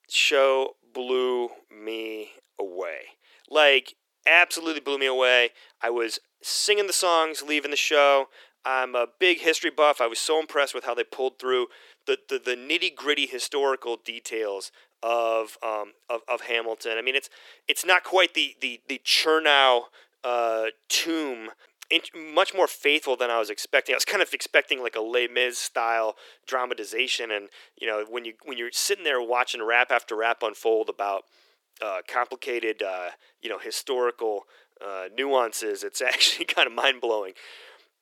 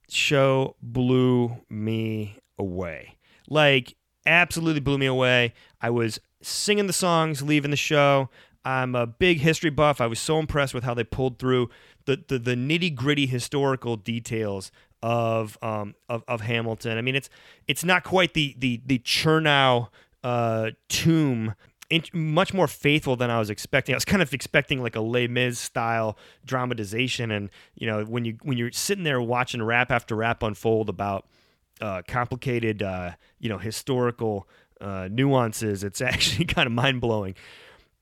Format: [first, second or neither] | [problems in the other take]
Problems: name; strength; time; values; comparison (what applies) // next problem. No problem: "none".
second | thin; very; fading below 350 Hz